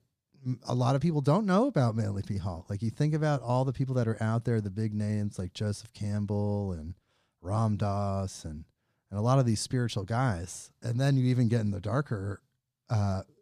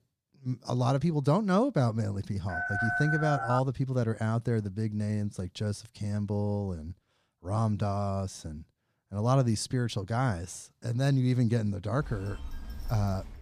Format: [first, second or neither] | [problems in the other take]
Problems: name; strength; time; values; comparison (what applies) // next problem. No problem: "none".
first | phone ringing; loud; from 2.5 to 3.5 s; peak level with the speech // phone ringing; faint; from 12 s on; peak 15 dB below the speech